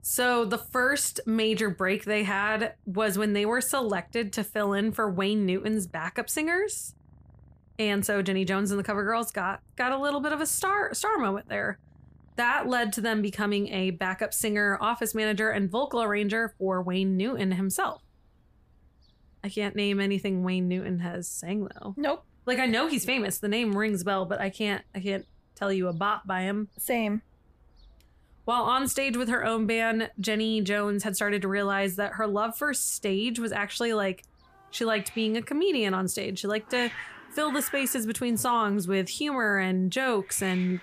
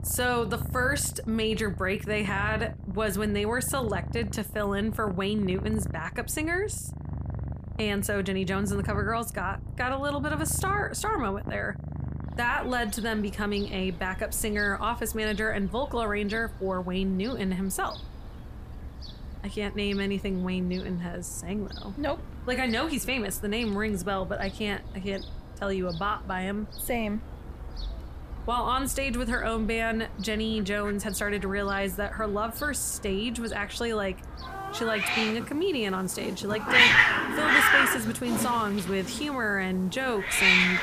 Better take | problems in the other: first | animal sounds; loud; throughout; as loud as the speech; faint in the first

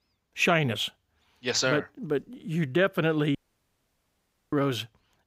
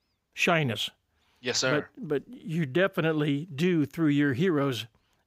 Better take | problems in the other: second | audio cutting out; at 3.5 s for 1 s

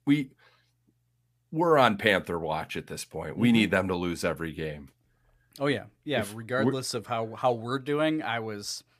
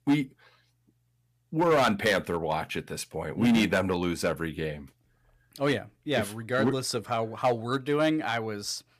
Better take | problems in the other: first | distortion; slight; 3% of the sound clipped

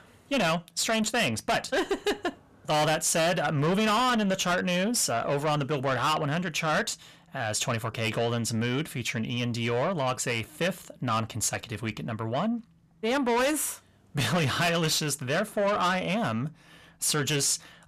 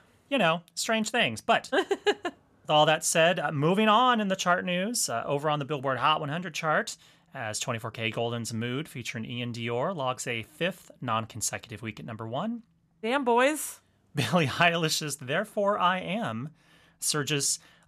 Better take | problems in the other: second | distortion; heavy; 6 dB below the speech

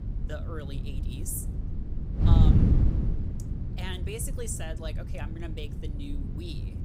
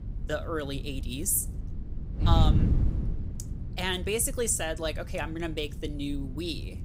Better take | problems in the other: second | wind noise on the microphone; heavy; as loud as the speech; occasional gusts in the second

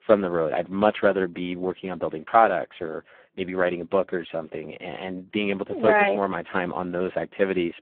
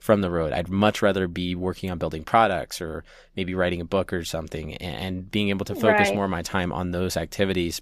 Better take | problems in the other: second | phone-call audio; poor line

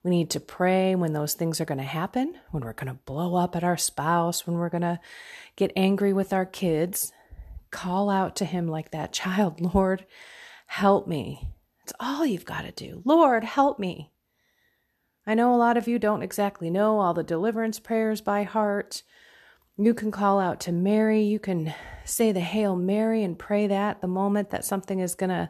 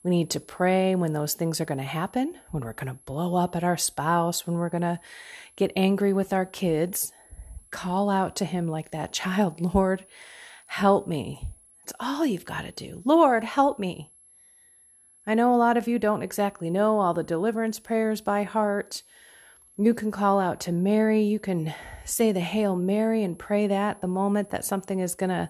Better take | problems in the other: first | high-pitched whine; faint; throughout; 11 kHz, 30 dB below the speech

